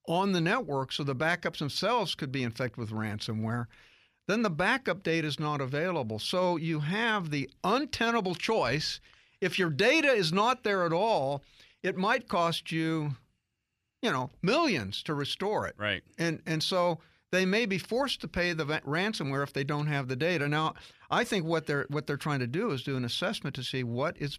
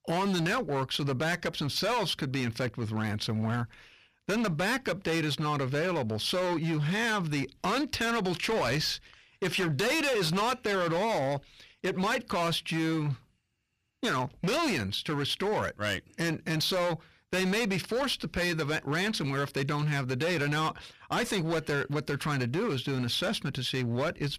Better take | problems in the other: first | distortion; heavy; 20% of the sound clipped

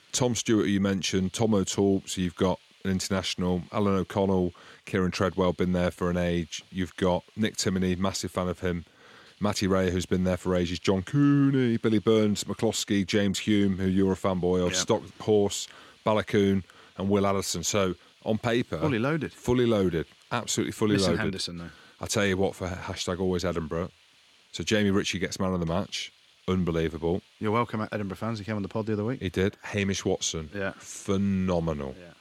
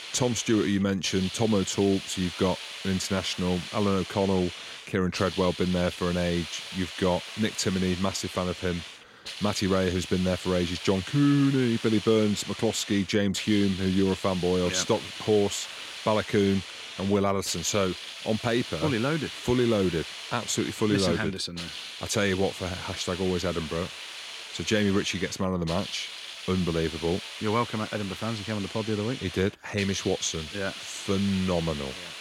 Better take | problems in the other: first | hiss; loud; throughout; 10 dB below the speech; faint in the first

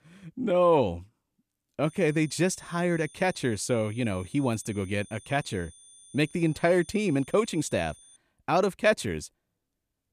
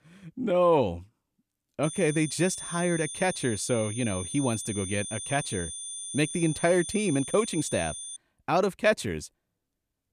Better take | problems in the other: first | high-pitched whine; loud; from 2 to 8 s; 9 kHz, 8 dB below the speech; faint in the first

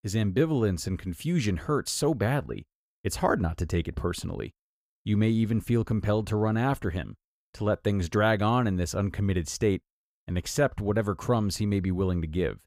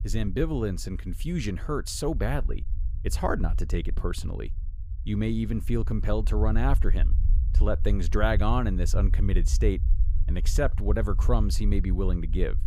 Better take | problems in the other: first | low rumble; noticeable; throughout; 20 dB below the speech

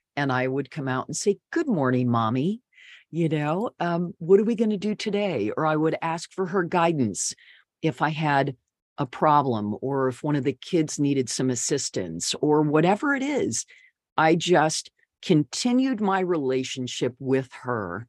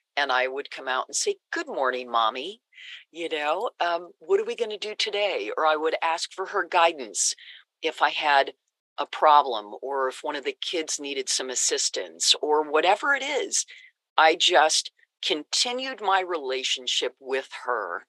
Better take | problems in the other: first | thin; very; fading below 500 Hz

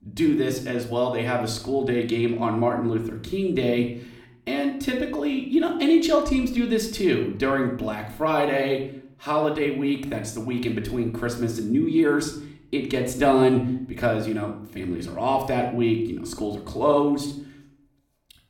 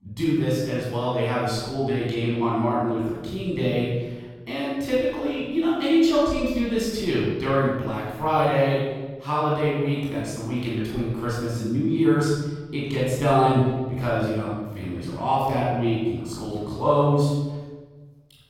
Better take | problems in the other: first | room echo; strong; dies away in 1.3 s; slight in the first // off-mic speech; far; far in the first

